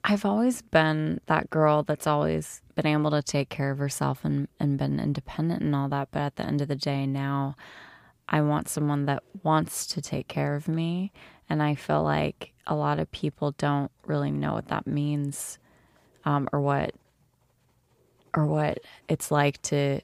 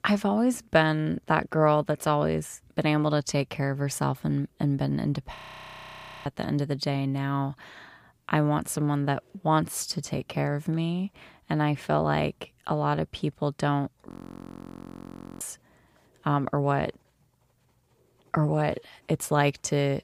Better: first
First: none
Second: audio freezing; at 5.5 s for 1 s and at 14 s for 1.5 s

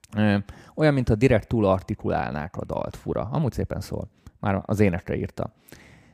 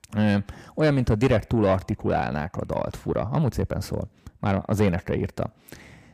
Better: first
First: none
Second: distortion; slight; 10 dB below the speech

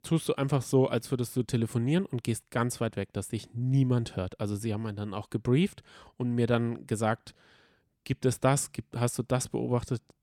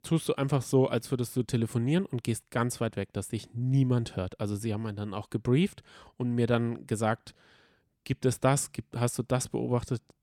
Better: neither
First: none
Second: none

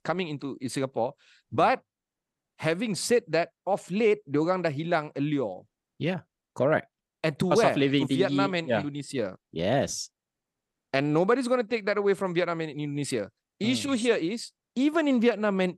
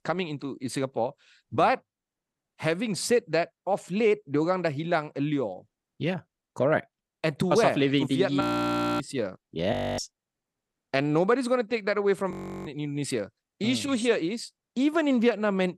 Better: first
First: none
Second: audio freezing; at 8.5 s for 0.5 s, at 9.5 s and at 12 s

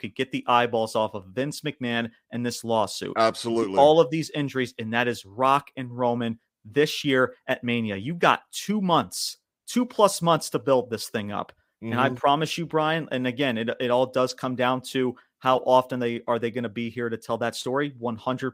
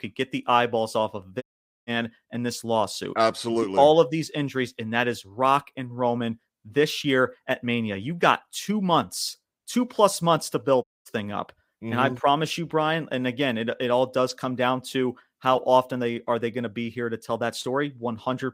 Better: first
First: none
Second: audio cutting out; at 1.5 s and at 11 s

